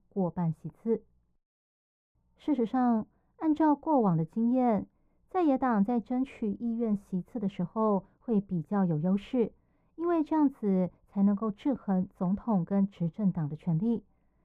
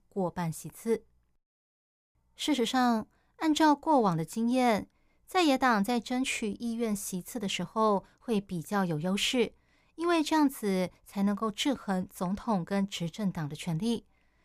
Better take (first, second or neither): second